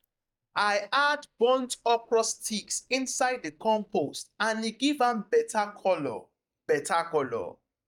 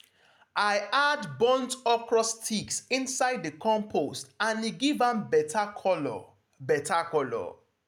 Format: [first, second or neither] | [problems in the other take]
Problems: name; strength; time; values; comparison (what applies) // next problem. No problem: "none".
second | noise reduction (neural mask model DeepFilterNet 3)